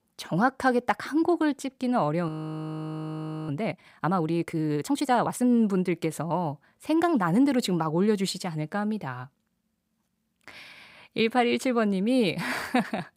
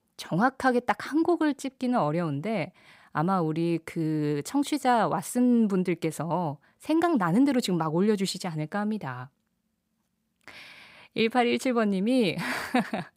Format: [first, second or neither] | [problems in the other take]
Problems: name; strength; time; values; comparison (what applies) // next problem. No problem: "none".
second | audio freezing; at 2.5 s for 1 s